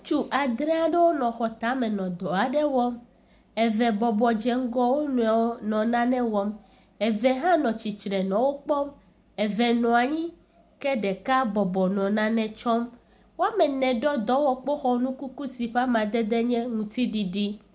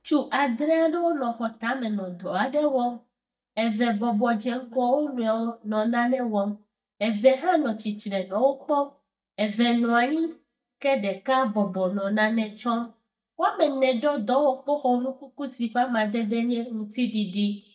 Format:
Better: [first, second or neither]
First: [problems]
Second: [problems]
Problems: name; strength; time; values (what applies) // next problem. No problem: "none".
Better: first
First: none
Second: noise reduction (neural mask model DeepFilterNet 3)